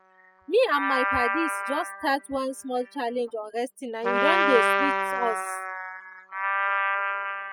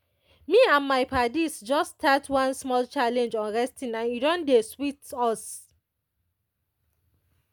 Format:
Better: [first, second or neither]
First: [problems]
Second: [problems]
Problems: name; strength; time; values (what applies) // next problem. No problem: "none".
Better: second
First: noise reduction (classical method spectral subtraction)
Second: none